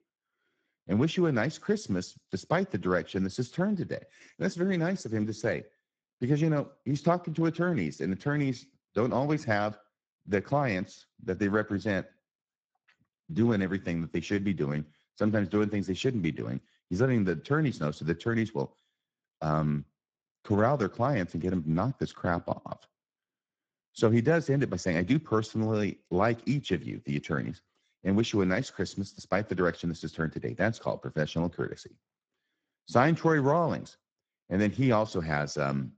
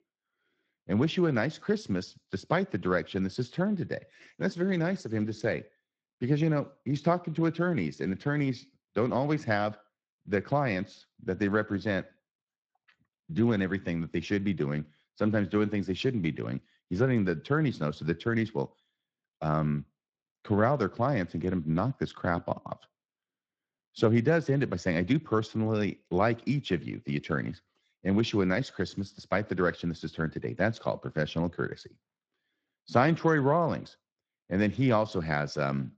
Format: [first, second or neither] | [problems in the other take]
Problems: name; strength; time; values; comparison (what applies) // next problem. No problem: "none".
second | garbled, watery; badly; nothing above 7.5 kHz; slightly in the second